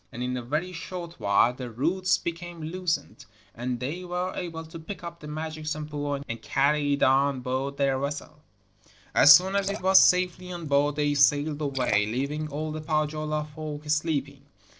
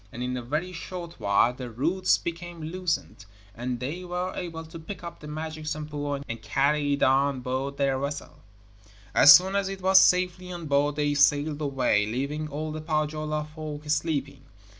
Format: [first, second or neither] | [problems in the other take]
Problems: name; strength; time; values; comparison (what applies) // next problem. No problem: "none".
second | noise reduction (neural separator model SepFormer DNS4)